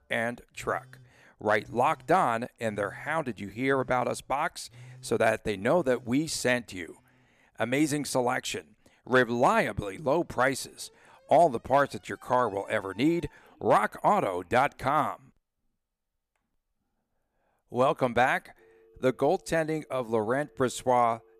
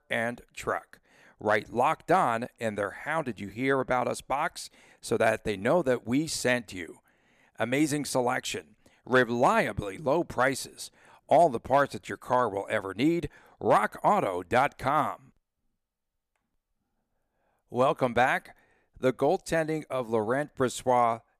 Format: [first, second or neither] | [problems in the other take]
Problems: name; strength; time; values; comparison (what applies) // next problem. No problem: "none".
second | alarms or sirens; faint; throughout; 30 dB below the speech